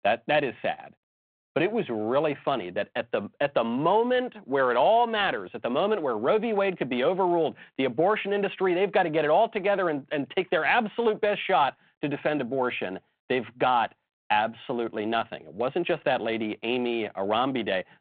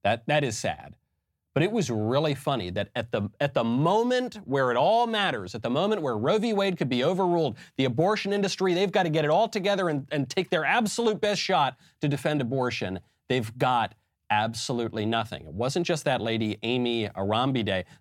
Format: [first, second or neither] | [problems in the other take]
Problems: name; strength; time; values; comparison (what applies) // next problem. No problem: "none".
second | phone-call audio